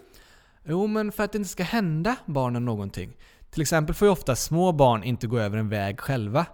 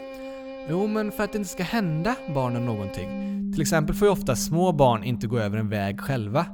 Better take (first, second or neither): first